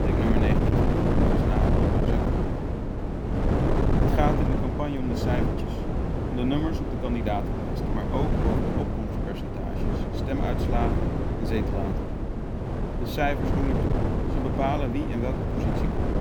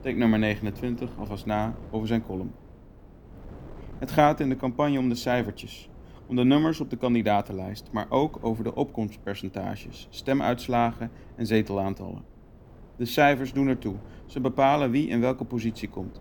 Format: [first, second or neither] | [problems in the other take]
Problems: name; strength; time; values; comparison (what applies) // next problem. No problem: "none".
second | wind noise on the microphone; heavy; 1 dB above the speech; occasional gusts in the second